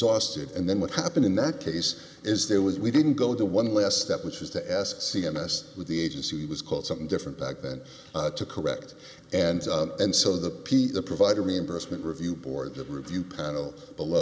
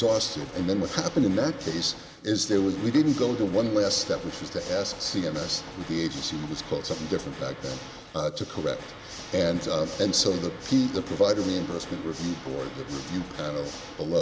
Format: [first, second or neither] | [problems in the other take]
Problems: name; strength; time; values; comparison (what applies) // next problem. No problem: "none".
first | background sound (Water / Mechanisms); 14 dB below the speech